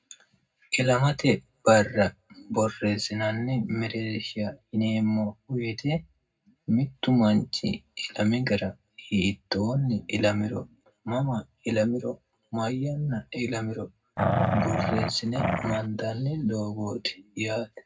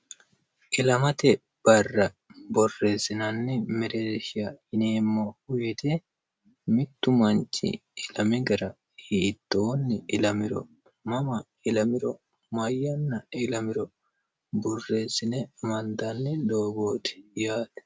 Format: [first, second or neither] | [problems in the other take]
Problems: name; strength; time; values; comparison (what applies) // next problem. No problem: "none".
second | background sound (Growling); 1 dB above the speech // room echo; dies away in 0.3 s